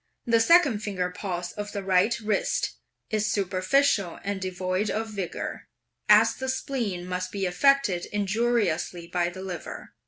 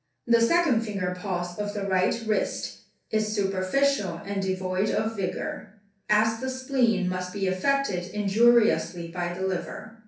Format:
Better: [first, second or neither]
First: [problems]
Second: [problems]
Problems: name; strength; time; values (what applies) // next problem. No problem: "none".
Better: first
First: none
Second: room echo; dies away in 0.6 s